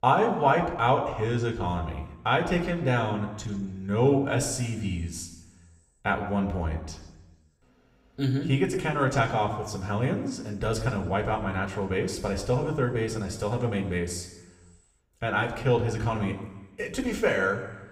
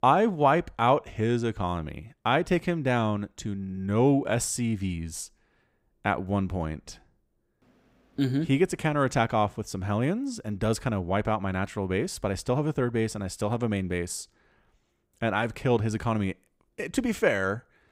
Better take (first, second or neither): second